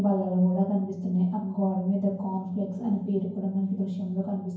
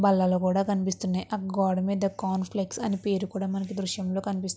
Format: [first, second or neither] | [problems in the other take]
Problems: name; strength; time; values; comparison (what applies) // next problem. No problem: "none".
second | room echo; dies away in 0.9 s